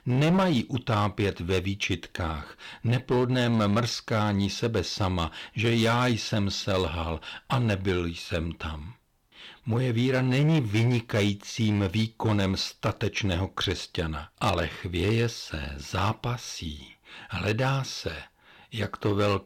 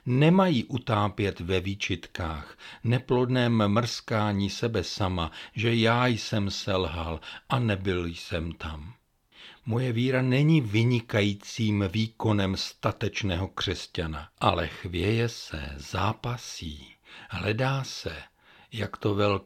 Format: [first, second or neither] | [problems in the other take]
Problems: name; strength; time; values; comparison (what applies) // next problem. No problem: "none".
second | distortion; slight; 6% of the sound clipped